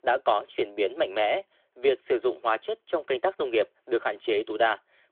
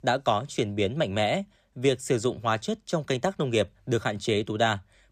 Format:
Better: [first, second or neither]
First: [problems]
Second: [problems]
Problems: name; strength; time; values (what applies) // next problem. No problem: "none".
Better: second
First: phone-call audio; nothing above 3.5 kHz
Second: none